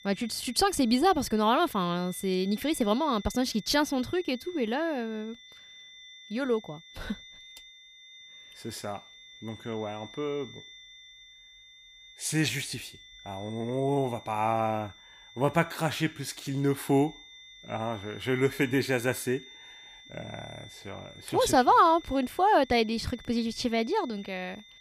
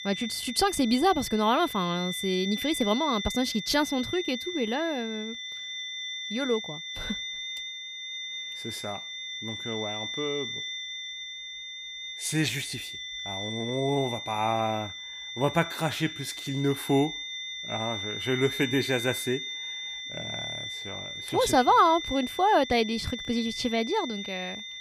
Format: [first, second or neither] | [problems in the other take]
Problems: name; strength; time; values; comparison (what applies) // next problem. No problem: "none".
first | high-pitched whine; loud; throughout; 3.5 kHz, 7 dB below the speech; faint in the first